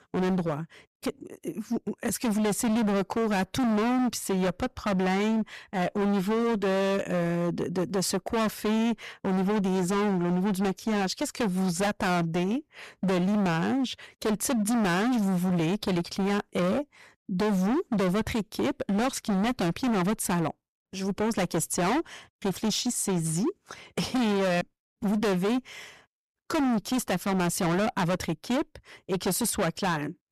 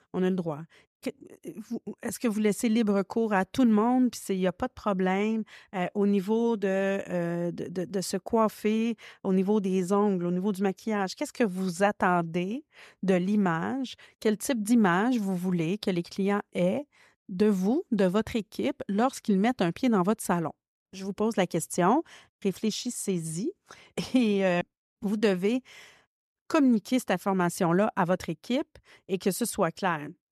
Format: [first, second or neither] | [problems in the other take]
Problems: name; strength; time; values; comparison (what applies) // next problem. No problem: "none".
second | distortion; heavy; 27% of the sound clipped